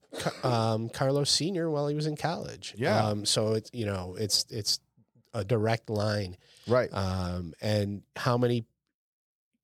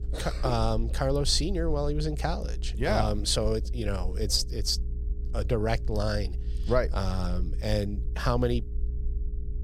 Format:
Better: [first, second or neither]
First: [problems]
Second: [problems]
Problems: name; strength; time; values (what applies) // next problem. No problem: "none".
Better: first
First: none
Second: low rumble; faint; throughout; 20 dB below the speech